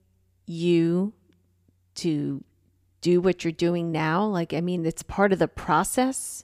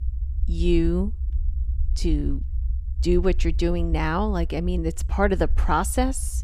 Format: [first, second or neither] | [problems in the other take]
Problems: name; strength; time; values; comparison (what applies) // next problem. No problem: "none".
first | low rumble; faint; throughout; 20 dB below the speech